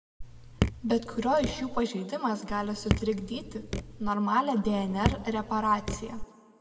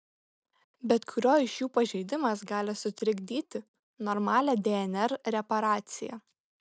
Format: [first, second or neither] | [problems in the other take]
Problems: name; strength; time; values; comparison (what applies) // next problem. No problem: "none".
second | background sound (Raindrop / Drip); 4 dB below the speech // room echo; dies away in 1.2 s